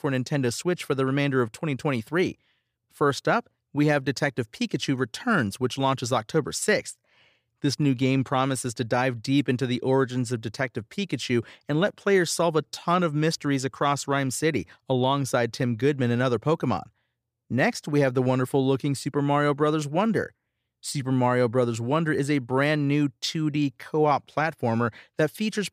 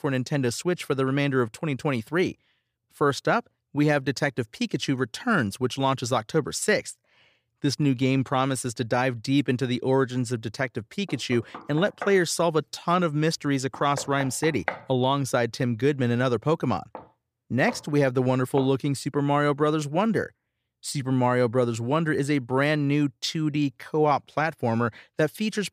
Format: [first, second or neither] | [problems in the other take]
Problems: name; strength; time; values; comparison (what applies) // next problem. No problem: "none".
first | door banging; noticeable; from 11 to 19 s; peak 7 dB below the speech